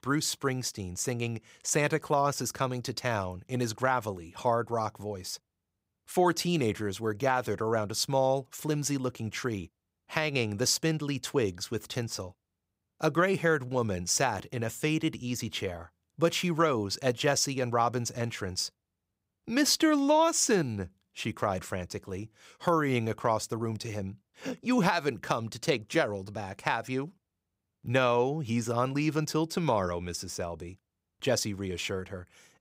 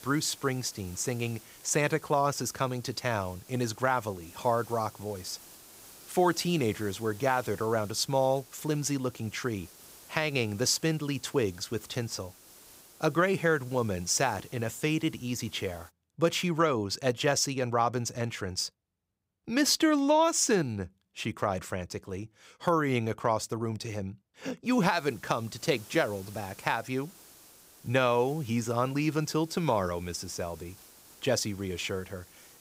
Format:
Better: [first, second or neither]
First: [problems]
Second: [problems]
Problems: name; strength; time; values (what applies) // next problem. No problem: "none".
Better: first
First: none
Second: hiss; faint; until 16 s and from 25 s on; 20 dB below the speech